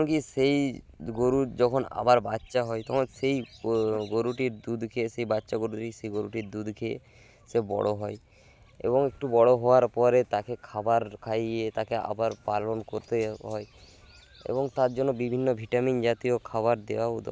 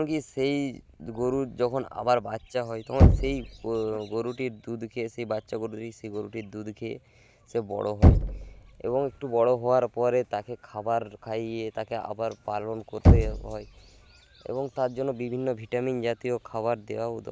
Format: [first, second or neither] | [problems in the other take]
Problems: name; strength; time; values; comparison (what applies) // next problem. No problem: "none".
first | background sound (Knock); 1 dB above the speech